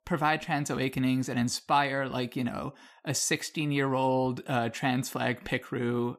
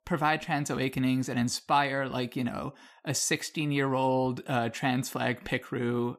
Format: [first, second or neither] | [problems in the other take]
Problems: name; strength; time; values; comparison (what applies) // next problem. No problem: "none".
neither | none